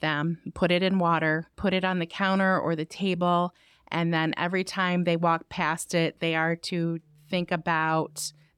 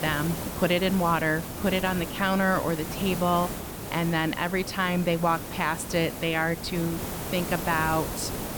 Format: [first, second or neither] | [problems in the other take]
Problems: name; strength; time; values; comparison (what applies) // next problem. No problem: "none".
first | hiss; loud; throughout; 7 dB below the speech